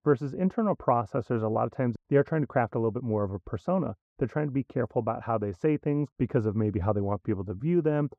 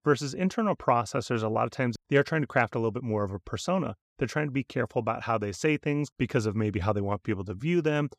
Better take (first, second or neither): second